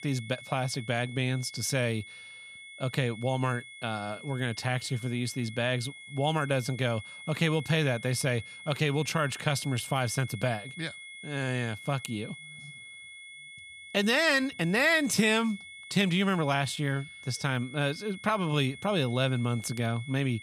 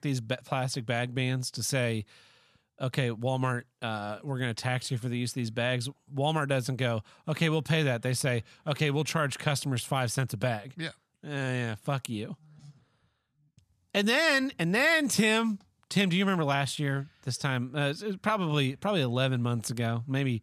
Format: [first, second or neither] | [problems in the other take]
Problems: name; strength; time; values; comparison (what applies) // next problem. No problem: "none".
second | high-pitched whine; noticeable; throughout; 2 kHz, 15 dB below the speech